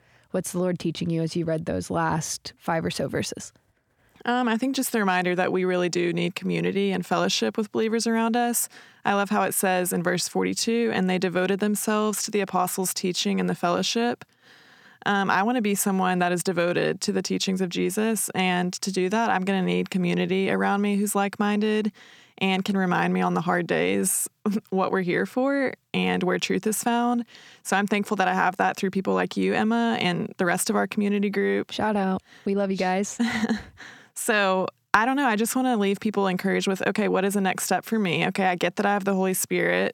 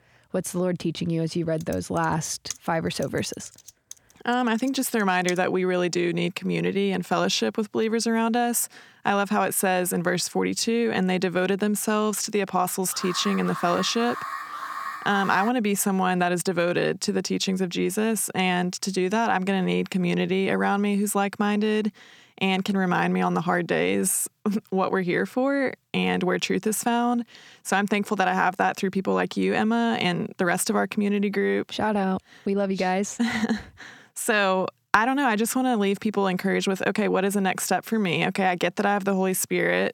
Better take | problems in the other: first | keyboard typing; faint; from 1.5 to 5.5 s; peak 10 dB below the speech // alarm; noticeable; from 13 to 16 s; peak 8 dB below the speech

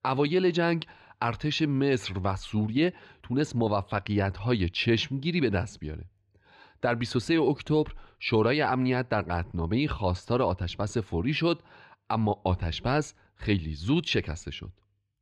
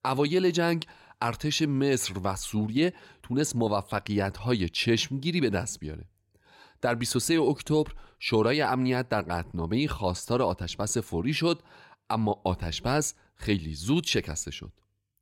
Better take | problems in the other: second | muffled; very slightly; fading above 3 kHz

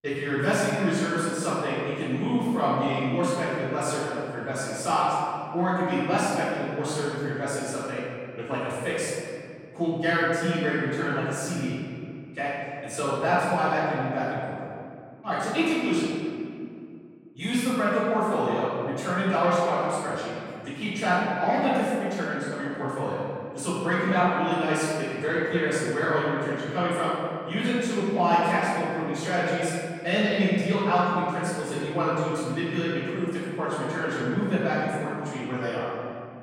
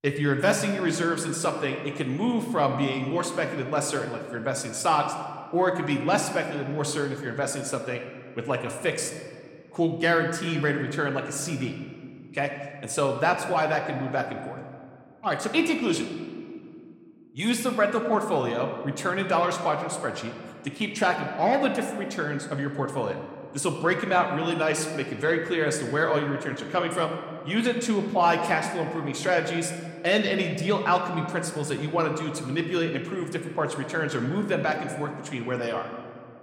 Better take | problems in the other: second | room echo; strong; dies away in 2.2 s; slight in the second // off-mic speech; far

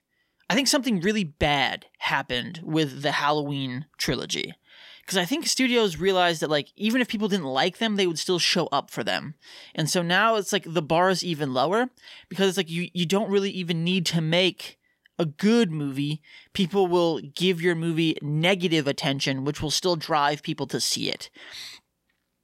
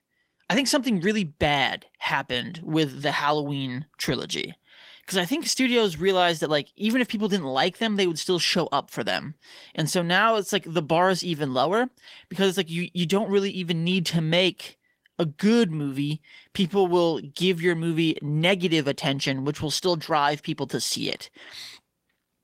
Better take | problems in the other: first | garbled, watery; slightly; nothing above 16 kHz

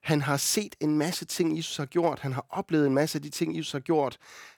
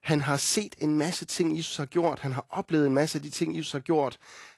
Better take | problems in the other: first | garbled, watery; slightly; nothing above 11.5 kHz

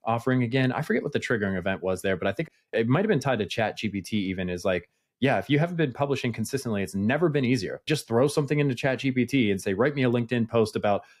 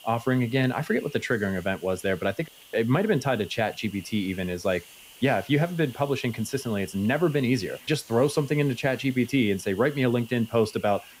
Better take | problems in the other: first | hiss; faint; throughout; 20 dB below the speech

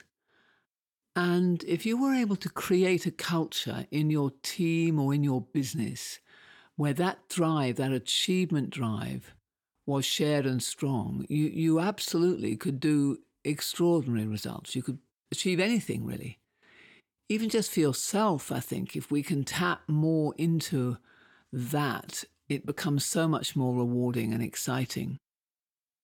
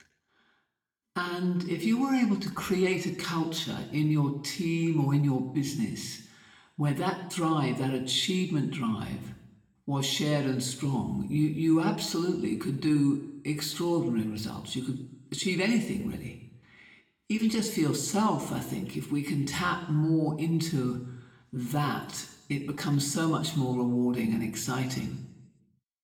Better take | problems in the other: first | room echo; slight; dies away in 0.8 s

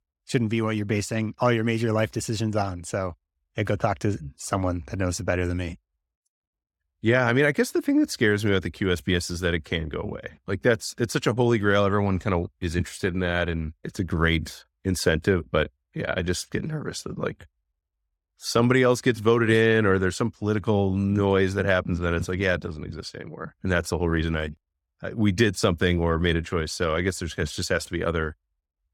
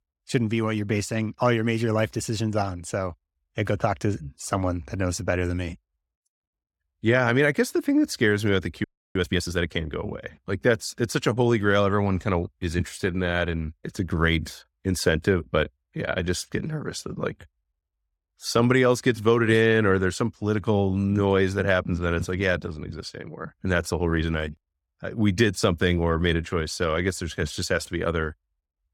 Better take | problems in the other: first | audio freezing; at 9 s

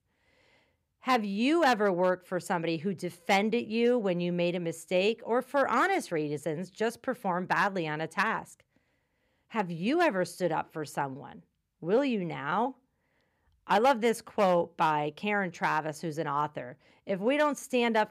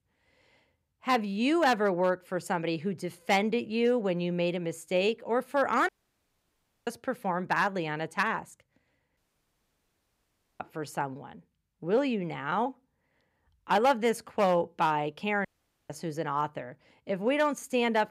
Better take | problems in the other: first | audio cutting out; at 6 s for 1 s, at 9 s for 1.5 s and at 15 s

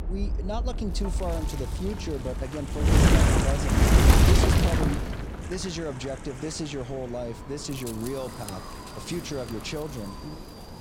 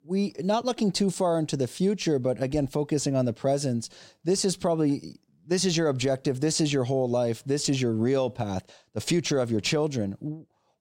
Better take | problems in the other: second | wind noise on the microphone; heavy; 5 dB above the speech

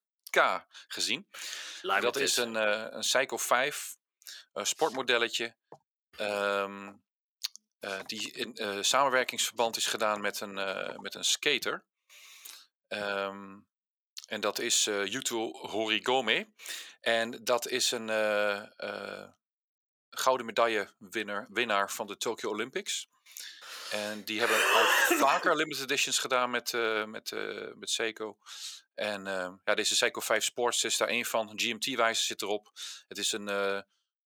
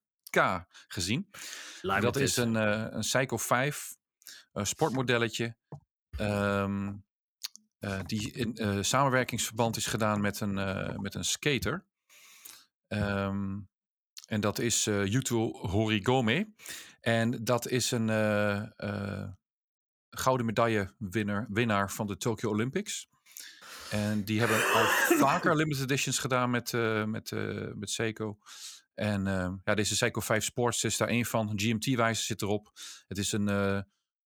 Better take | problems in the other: second | thin; somewhat; fading below 450 Hz

